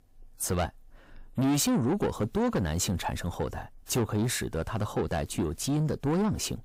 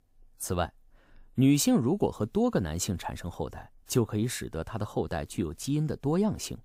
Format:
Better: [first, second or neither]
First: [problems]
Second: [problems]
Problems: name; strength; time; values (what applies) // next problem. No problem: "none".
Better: second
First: distortion; heavy; 7 dB below the speech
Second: none